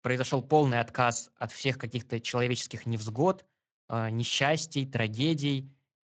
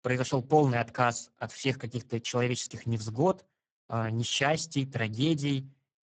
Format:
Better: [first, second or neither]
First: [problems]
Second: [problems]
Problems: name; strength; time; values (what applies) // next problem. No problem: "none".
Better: first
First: garbled, watery; slightly; nothing above 7.5 kHz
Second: garbled, watery; badly; nothing above 7.5 kHz